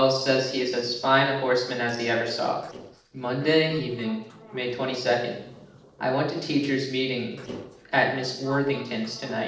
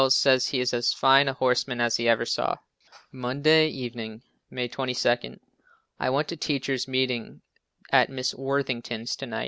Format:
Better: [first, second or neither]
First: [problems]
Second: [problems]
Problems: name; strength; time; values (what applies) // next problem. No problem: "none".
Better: second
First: noise reduction (neural separator model SepFormer DNS4)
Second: none